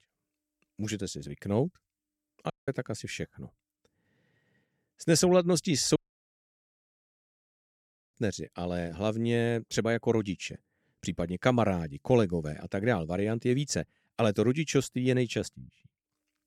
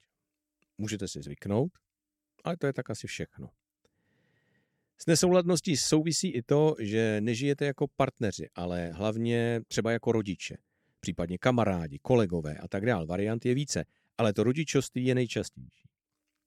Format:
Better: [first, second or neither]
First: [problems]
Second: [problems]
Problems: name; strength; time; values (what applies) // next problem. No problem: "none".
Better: second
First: audio cutting out; at 2.5 s and at 6 s for 2 s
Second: none